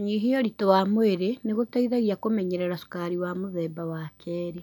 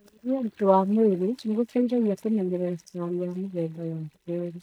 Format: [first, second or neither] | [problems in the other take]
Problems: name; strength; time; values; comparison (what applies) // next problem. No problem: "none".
first | noise reduction (neural mask model DeepFilterNet 3)